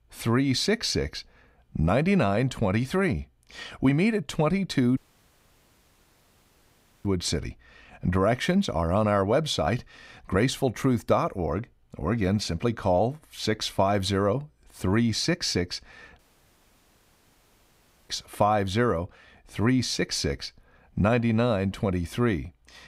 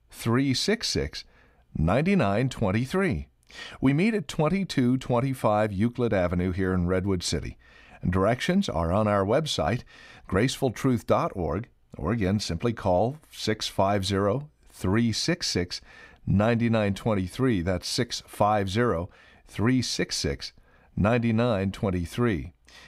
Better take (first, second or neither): second